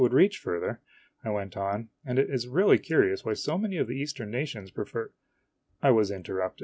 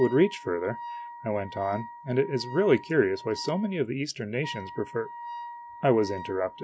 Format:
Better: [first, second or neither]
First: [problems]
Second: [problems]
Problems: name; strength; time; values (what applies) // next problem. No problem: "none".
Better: first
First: none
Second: background sound (Wind instrument, woodwind instrument); 13 dB below the speech